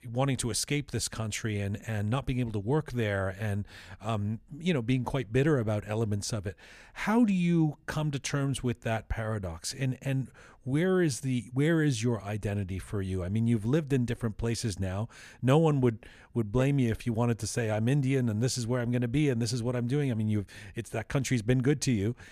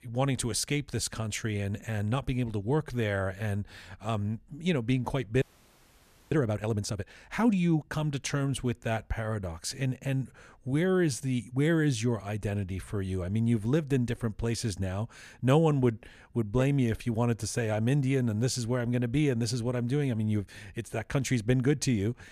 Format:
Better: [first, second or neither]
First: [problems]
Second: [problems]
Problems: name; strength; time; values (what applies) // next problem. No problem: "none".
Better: first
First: none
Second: audio freezing; at 5.5 s for 1 s